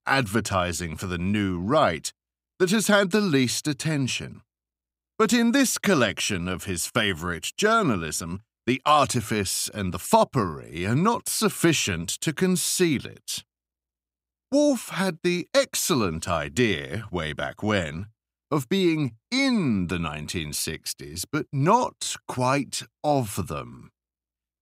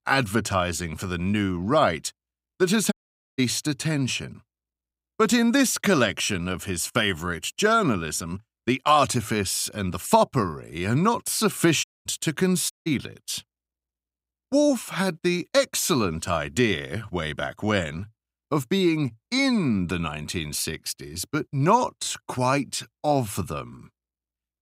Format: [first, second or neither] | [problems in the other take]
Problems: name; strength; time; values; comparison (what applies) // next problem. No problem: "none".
first | audio cutting out; at 3 s, at 12 s and at 13 s